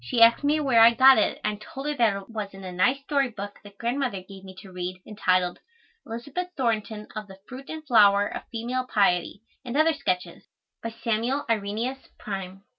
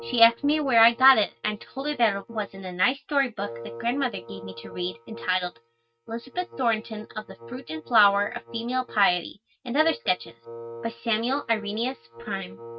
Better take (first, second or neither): first